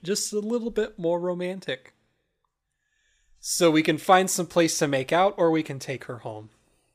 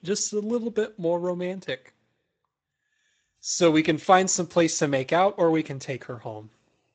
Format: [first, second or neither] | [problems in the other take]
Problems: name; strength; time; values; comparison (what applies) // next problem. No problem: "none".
first | garbled, watery; slightly; nothing above 7.5 kHz